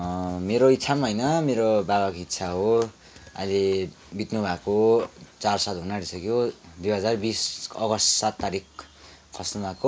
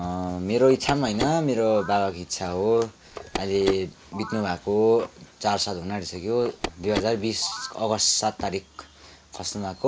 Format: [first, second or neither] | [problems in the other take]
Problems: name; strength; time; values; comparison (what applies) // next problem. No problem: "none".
first | background sound (Telephone); 12 dB below the speech